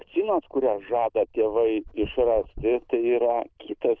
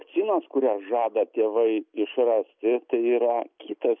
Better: second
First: noise reduction (neural diffusion model UNIVERSE++)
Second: none

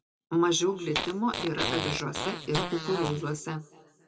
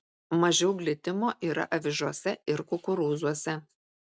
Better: second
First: background sound (Fart); 3 dB below the speech // room echo; dies away in 2 s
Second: none

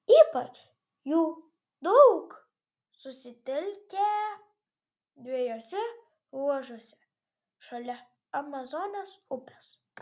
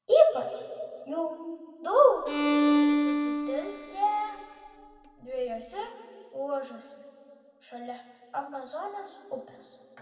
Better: first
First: none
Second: background sound (Bowed string instrument); 1 dB above the speech // room echo; dies away in 2.1 s

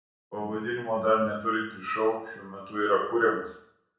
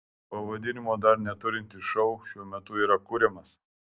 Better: second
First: room echo; dies away in 0.5 s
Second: none

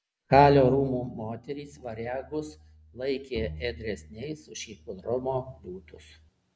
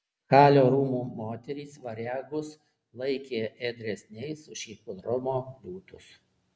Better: second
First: background sound (Bowed string instrument); 17 dB below the speech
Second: none

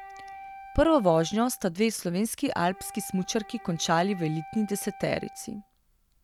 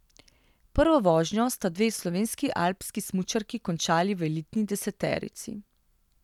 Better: second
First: background sound (Wind instrument, woodwind instrument); 18 dB below the speech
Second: none

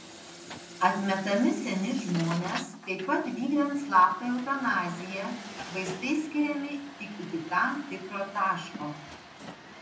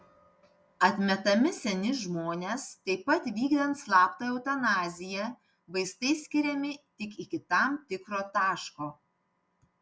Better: second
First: background sound (Truck); 14 dB below the speech // room echo; dies away in 0.6 s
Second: none

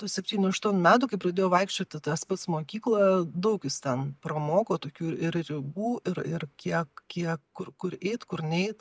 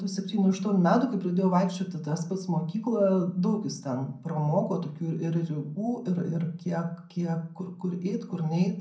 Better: first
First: none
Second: room echo; dies away in 0.5 s

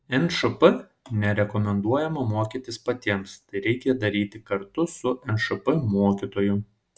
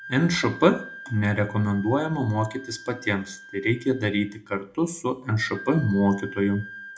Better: first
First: none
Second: background sound (Wind instrument, woodwind instrument); 17 dB below the speech // room echo; dies away in 0.2 s

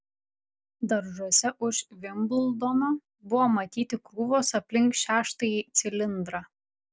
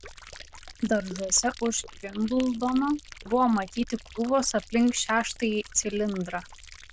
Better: first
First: none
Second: noise reduction (neural diffusion model UNIVERSE++)

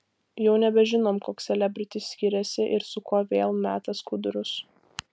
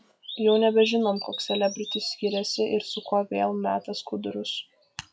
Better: first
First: none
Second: noise reduction (classical method WPE with log-MMSE)

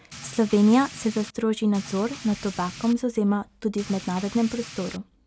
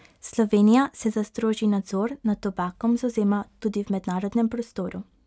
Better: second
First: background sound (Rain); 16 dB below the speech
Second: none

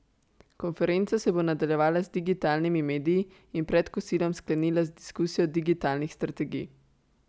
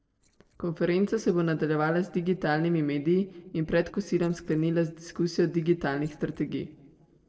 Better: first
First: none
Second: noise reduction (neural separator model SepFormer DNS4)

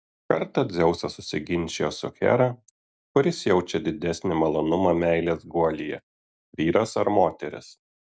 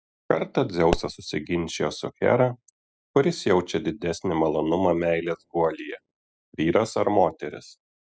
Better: first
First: none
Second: noise reduction (classical method spectral subtraction)

